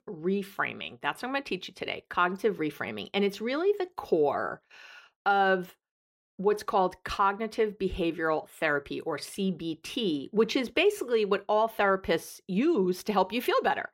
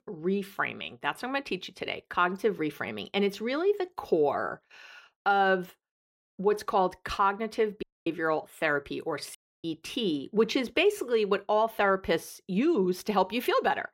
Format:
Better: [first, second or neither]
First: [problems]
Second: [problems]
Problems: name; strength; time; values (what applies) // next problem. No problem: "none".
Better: first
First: none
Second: audio cutting out; at 8 s and at 9.5 s